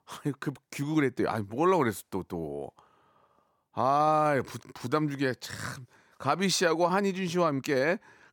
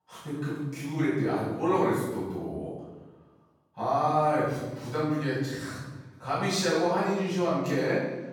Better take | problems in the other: first | room echo; strong; dies away in 1.1 s // off-mic speech; far

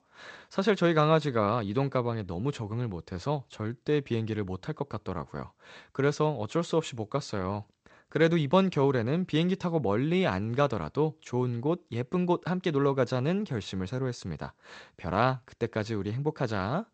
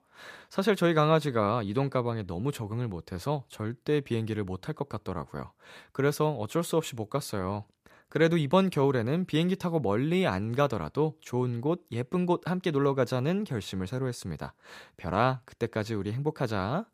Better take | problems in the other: second | garbled, watery; slightly; nothing above 8 kHz

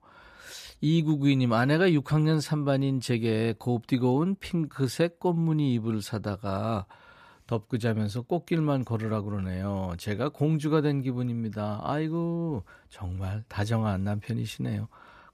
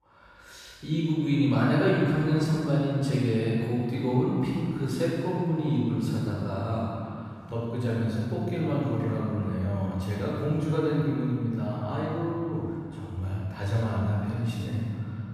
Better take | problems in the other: first | off-mic speech; far // room echo; strong; dies away in 2.2 s

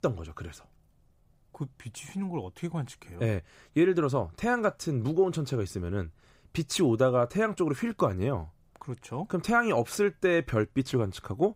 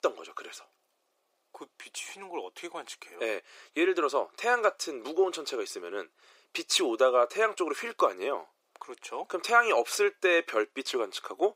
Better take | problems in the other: first | thin; very; fading below 400 Hz

